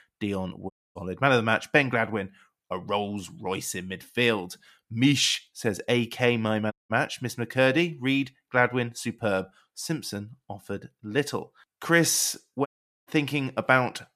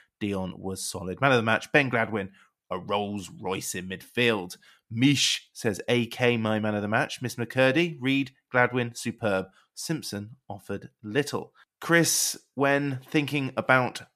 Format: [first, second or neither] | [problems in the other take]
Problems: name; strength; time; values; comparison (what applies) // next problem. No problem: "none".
second | audio cutting out; at 0.5 s, at 6.5 s and at 13 s